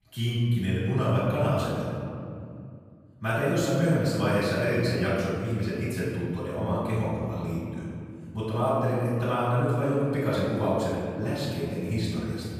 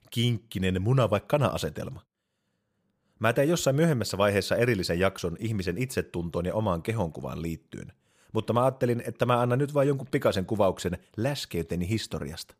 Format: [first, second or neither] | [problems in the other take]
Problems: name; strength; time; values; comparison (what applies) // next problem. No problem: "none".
second | off-mic speech; far // room echo; strong; dies away in 2.5 s